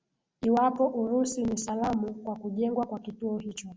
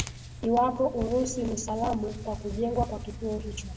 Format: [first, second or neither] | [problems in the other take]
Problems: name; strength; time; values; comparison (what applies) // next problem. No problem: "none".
first | background sound (Tearing); 9 dB below the speech // room echo; dies away in 1.1 s